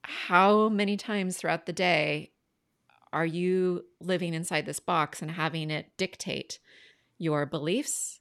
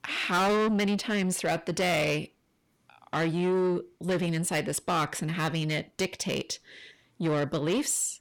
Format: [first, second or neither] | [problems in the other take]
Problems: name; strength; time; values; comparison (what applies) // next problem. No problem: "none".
first | distortion; heavy; 6 dB below the speech